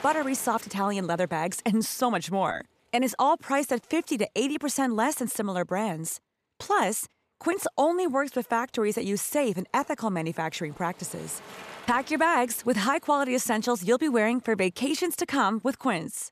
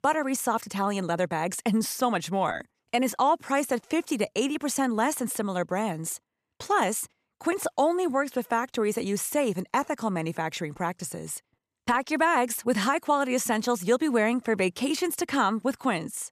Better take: second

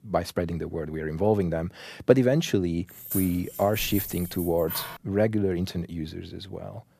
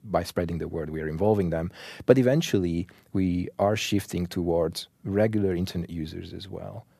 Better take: second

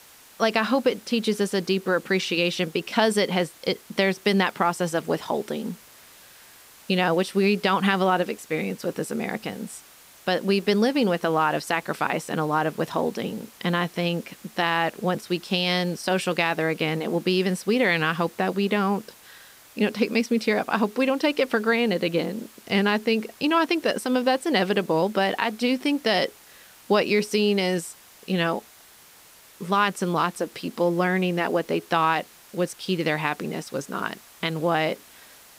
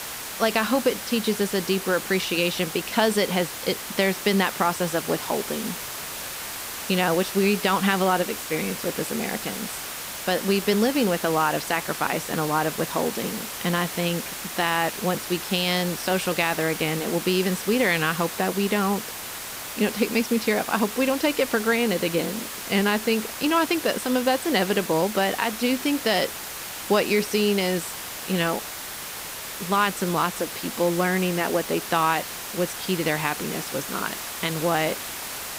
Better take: first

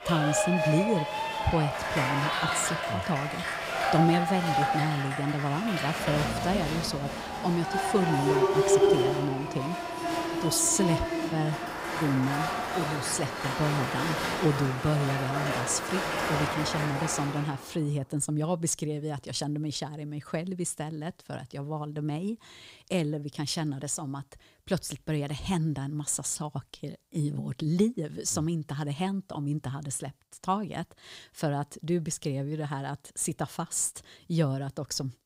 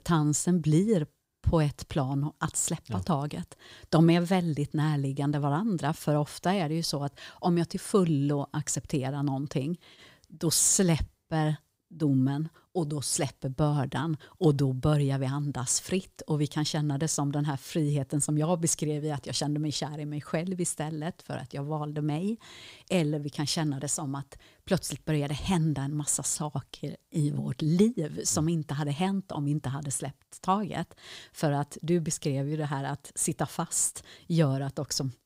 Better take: second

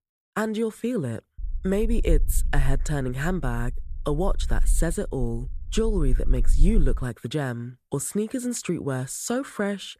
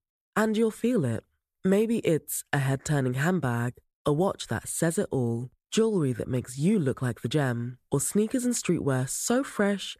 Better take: second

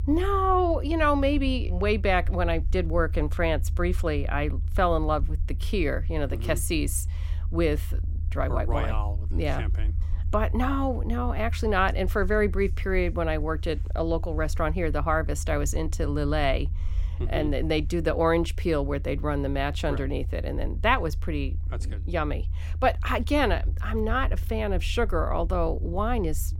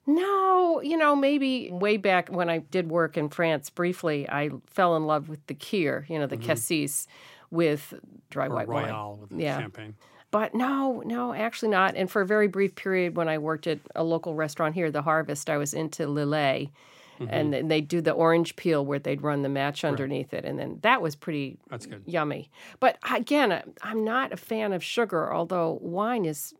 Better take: second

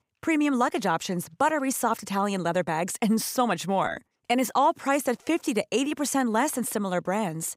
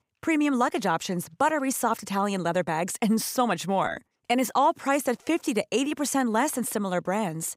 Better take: neither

